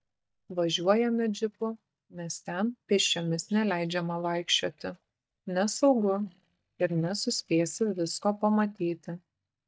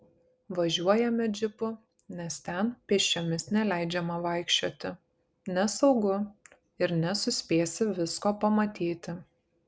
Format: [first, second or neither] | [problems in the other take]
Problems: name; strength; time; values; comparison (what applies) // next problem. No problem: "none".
second | noise reduction (neural mask model DeepFilterNet 3)